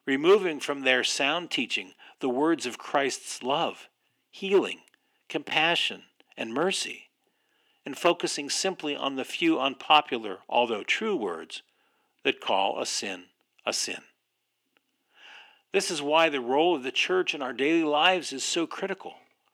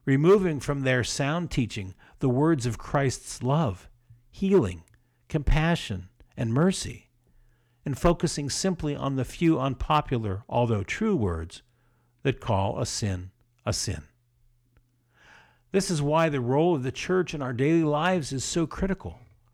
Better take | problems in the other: second | thin; somewhat; fading below 250 Hz

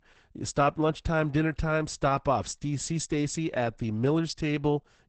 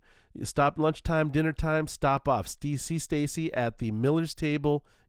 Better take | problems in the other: second | garbled, watery; badly; nothing above 8 kHz; slightly in the second

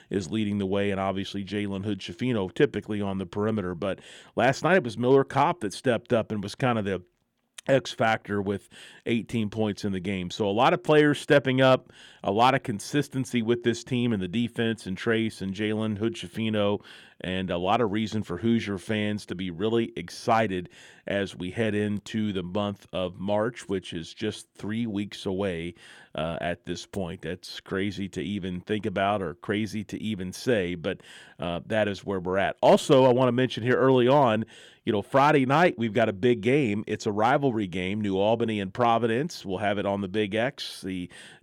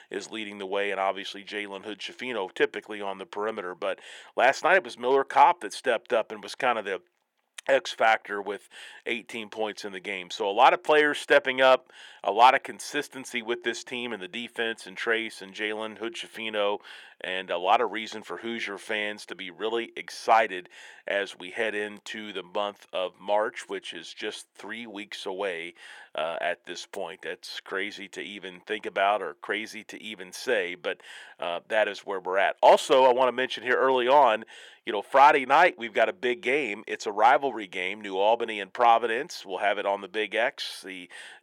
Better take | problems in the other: first | thin; very; fading below 550 Hz

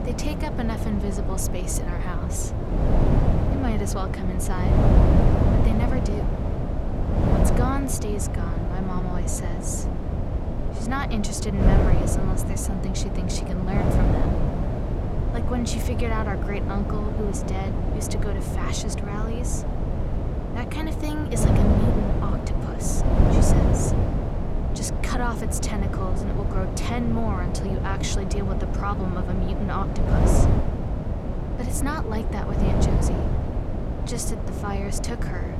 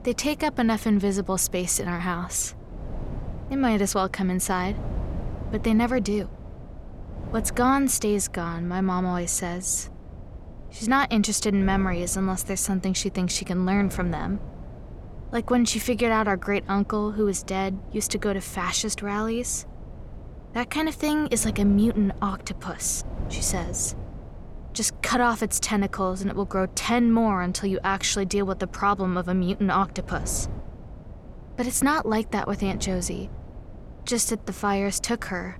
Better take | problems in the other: second | wind noise on the microphone; heavy; 1 dB above the speech; occasional gusts in the second

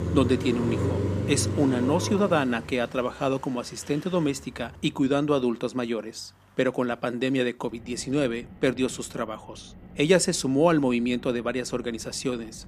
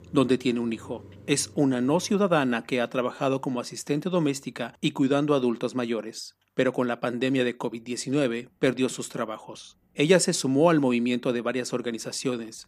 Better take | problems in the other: second | traffic noise; loud; throughout; 5 dB below the speech; faint in the second

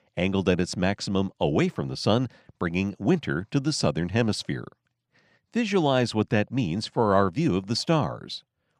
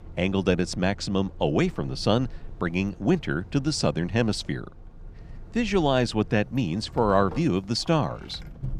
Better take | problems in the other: first | traffic noise; noticeable; throughout; 20 dB below the speech

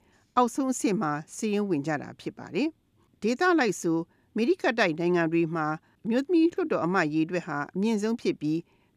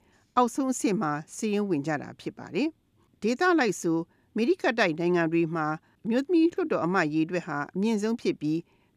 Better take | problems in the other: neither | none

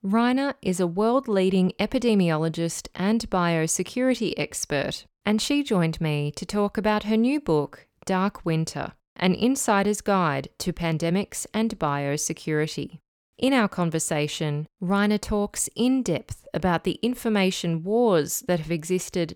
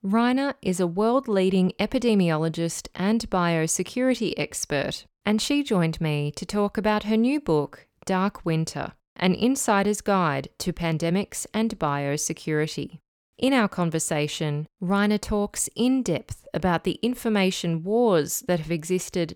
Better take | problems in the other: neither | none

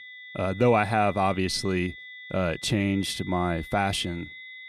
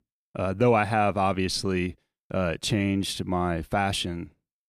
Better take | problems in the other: second | high-pitched whine; noticeable; throughout; 2 kHz, 15 dB below the speech

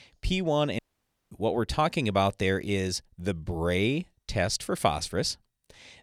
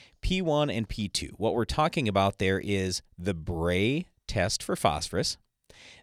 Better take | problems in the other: second | audio cutting out; at 1 s for 0.5 s

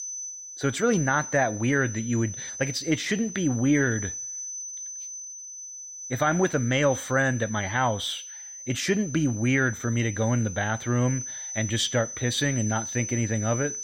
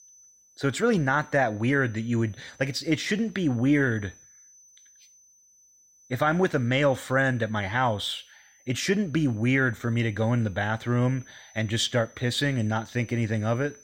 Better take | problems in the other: second | high-pitched whine; loud; throughout; 6 kHz, 9 dB below the speech; faint in the second

